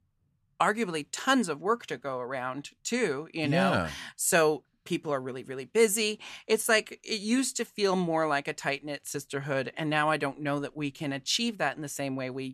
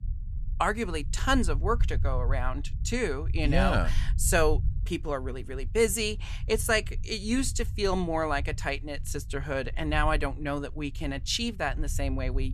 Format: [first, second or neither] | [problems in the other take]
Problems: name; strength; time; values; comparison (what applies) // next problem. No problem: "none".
first | low rumble; faint; throughout; 20 dB below the speech